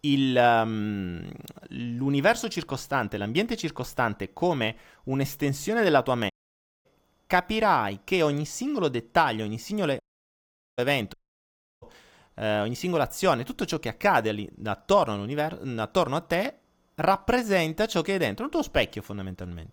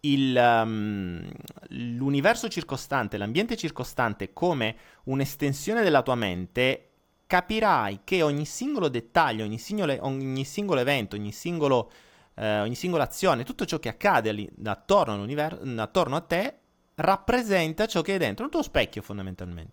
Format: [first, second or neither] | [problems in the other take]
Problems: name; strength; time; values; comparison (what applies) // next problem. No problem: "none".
second | audio cutting out; at 6.5 s for 0.5 s, at 10 s for 1 s and at 11 s for 0.5 s